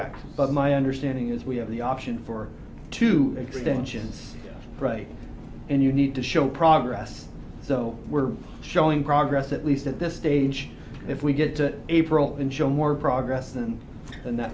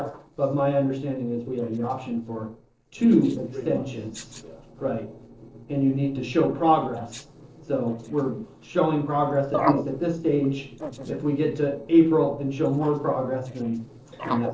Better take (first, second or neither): first